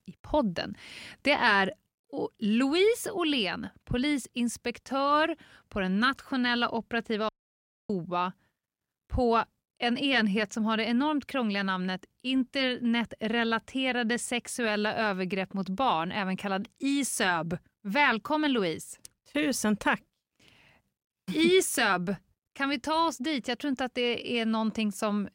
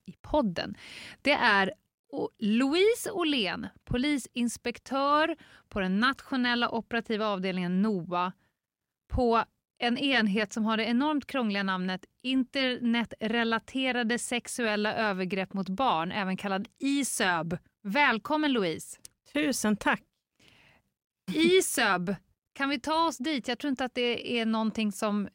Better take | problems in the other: second | audio cutting out; at 7.5 s for 0.5 s

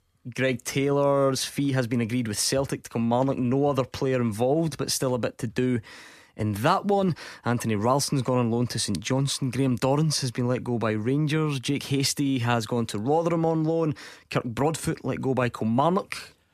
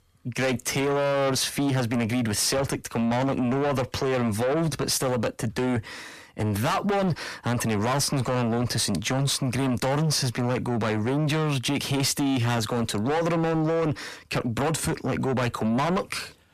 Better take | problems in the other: first | distortion; heavy; 6 dB below the speech

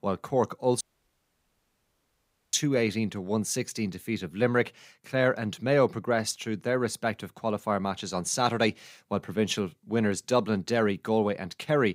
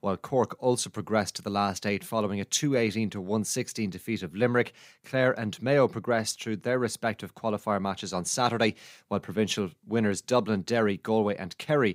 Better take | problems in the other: second | audio cutting out; at 1 s for 1.5 s

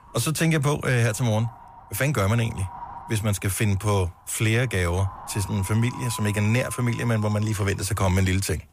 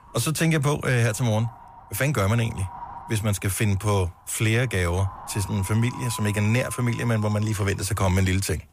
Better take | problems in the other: neither | wind noise on the microphone; occasional gusts; 15 dB below the speech; the same in both

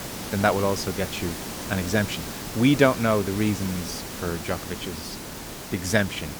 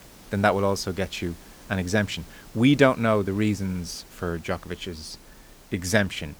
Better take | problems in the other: second | hiss; loud; throughout; 8 dB below the speech; faint in the second

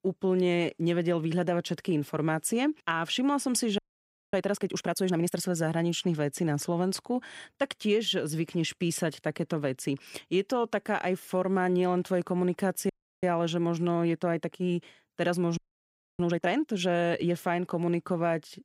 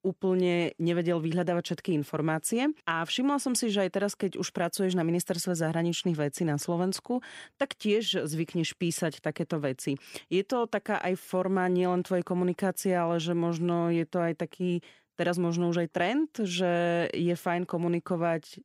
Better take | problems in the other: second | audio freezing; at 4 s for 0.5 s, at 13 s and at 16 s for 0.5 s

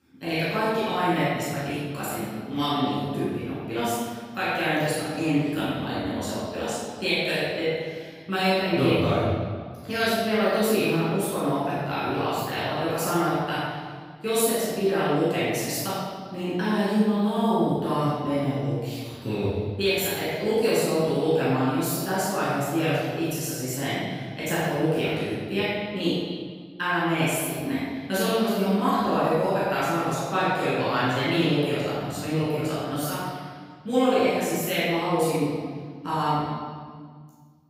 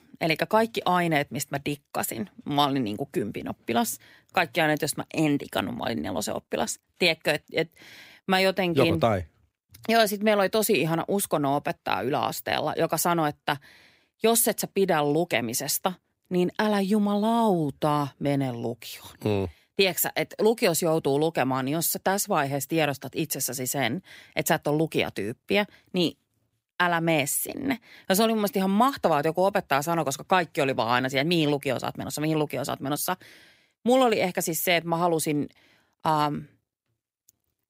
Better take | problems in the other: second | off-mic speech; far // room echo; strong; dies away in 1.7 s

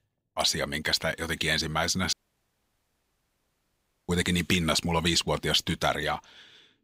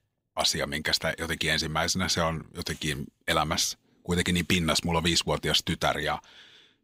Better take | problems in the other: second | audio cutting out; at 2 s for 2 s

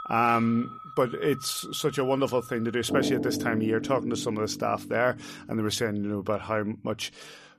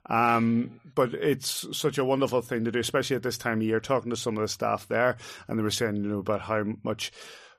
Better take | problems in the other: second | background music; loud; throughout; 8 dB below the speech

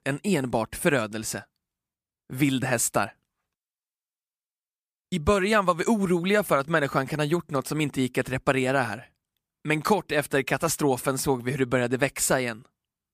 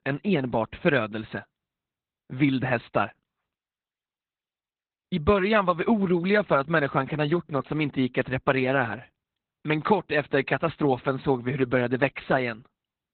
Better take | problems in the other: first | garbled, watery; badly; nothing above 4 kHz

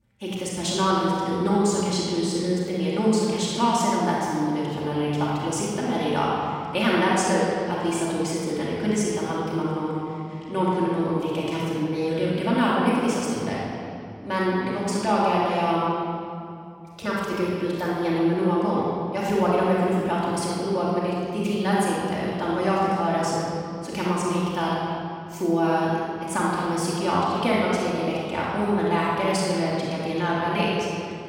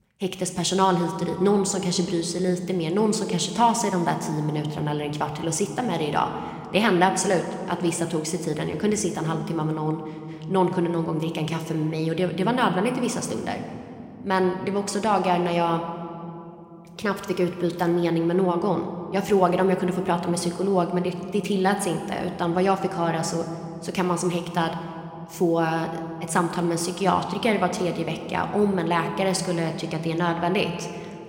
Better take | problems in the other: second | room echo; strong; dies away in 2.3 s; slight in the second // off-mic speech; far

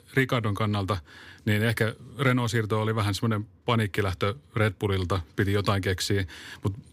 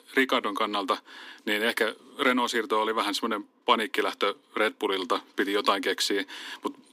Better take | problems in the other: first | thin; somewhat; fading below 250 Hz

